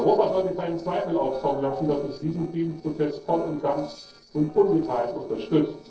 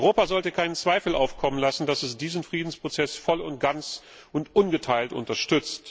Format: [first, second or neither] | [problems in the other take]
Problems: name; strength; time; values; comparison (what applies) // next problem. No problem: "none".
second | noise reduction (neural separator model SepFormer DNS4)